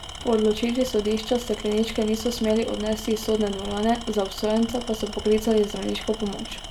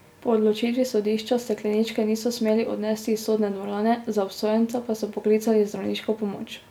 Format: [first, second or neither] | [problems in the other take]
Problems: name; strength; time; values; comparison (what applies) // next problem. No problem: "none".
second | background sound (Tools); 12 dB below the speech